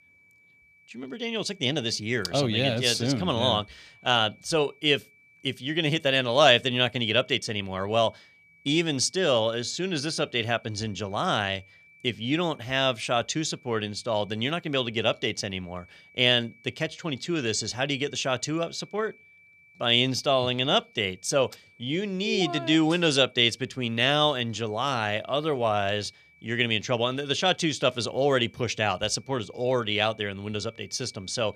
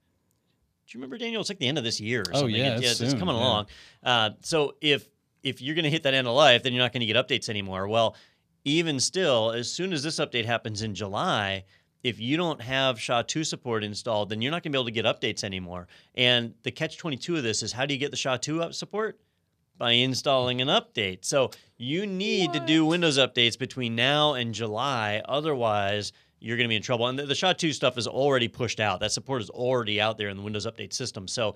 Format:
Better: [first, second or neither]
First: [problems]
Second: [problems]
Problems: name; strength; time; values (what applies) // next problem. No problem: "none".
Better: second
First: high-pitched whine; faint; throughout; 2.5 kHz, 30 dB below the speech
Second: none